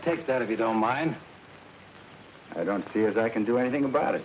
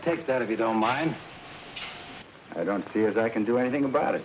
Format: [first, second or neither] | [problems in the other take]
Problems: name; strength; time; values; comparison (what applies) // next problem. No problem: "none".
first | background sound (Mechanisms); 17 dB below the speech